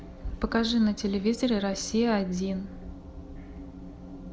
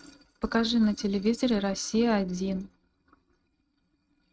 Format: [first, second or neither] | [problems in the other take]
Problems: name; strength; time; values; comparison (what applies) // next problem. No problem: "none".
first | noise reduction (neural mask model RNNoise)